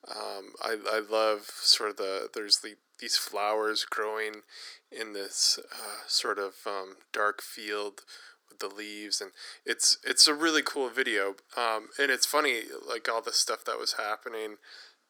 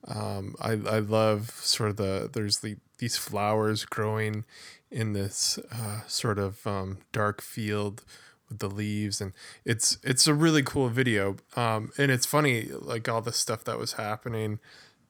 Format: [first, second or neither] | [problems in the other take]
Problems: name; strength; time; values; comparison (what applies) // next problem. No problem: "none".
second | thin; very; fading below 350 Hz